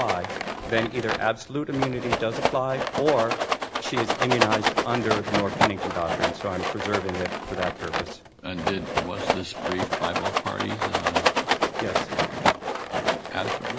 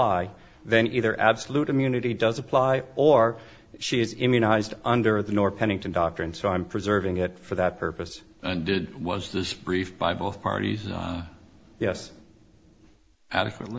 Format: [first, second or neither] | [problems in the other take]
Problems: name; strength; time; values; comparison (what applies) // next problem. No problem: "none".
second | background sound (Rattle); 2 dB above the speech